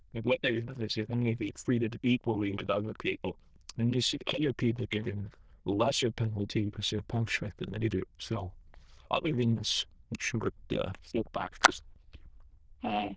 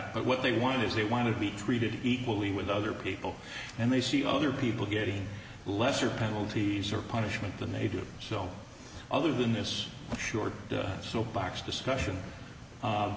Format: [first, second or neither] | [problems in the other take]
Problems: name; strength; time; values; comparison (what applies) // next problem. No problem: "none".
second | noise reduction (neural diffusion model UNIVERSE++)